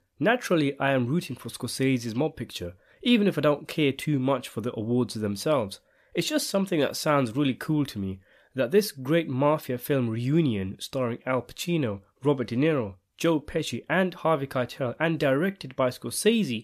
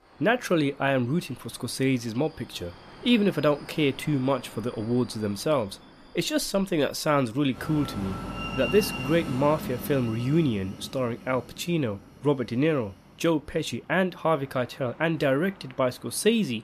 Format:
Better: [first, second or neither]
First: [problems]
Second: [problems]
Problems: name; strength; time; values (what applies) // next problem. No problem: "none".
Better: first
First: none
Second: train or aircraft noise; noticeable; throughout; 15 dB below the speech